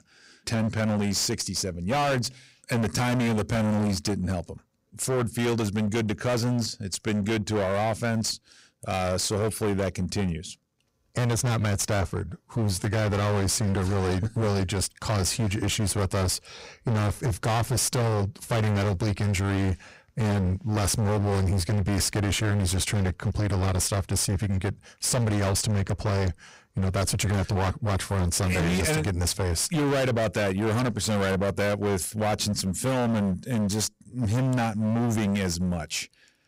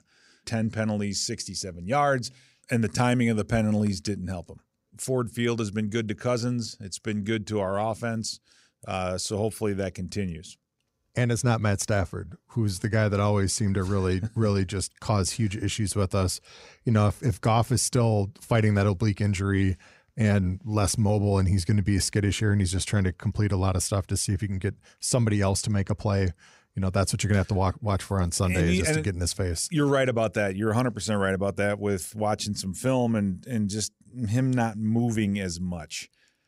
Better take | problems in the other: second | distortion; heavy; 32% of the sound clipped

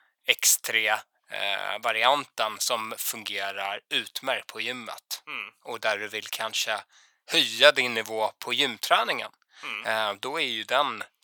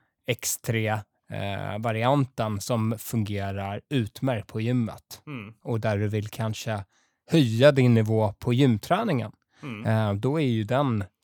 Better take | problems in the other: second | thin; very; fading below 1 kHz

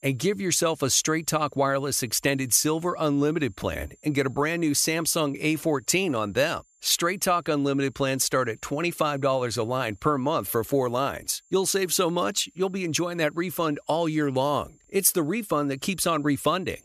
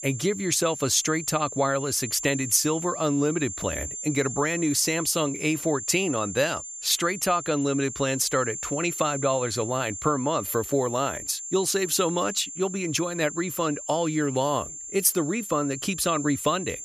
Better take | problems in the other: first | high-pitched whine; loud; throughout; 7 kHz, 8 dB below the speech; faint in the first

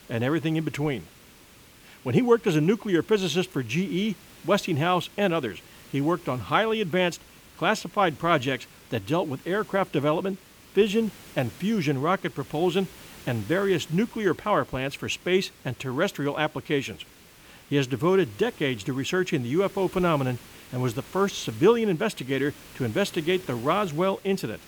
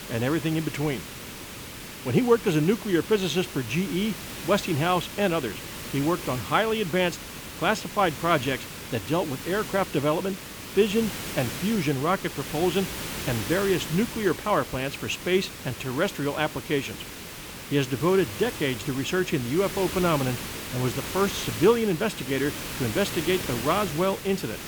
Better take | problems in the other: first | hiss; loud; throughout; 9 dB below the speech; faint in the first

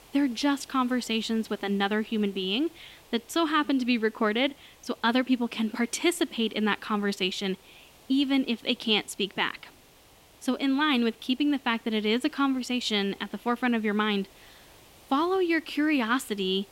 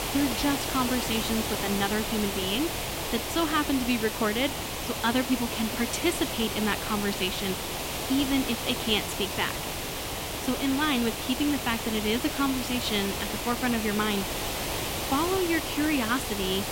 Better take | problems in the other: first | hiss; loud; throughout; 2 dB below the speech; faint in the first

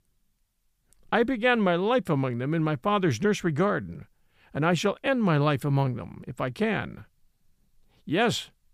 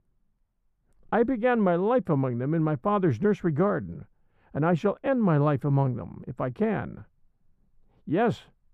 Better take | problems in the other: first | muffled; very; fading above 2 kHz

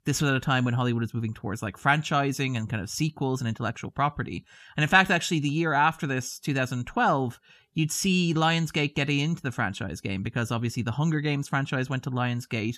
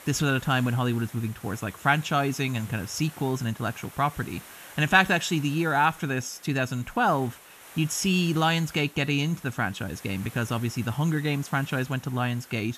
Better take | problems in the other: first | hiss; noticeable; throughout; 20 dB below the speech

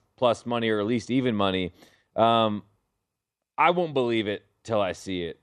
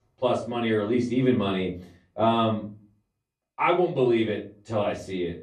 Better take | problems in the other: first | off-mic speech; far // room echo; slight; dies away in 0.3 s

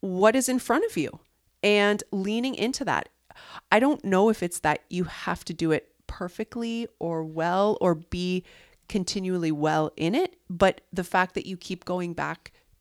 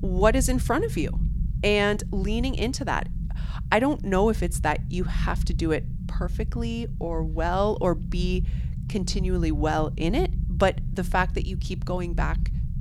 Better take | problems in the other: first | low rumble; noticeable; throughout; 20 dB below the speech

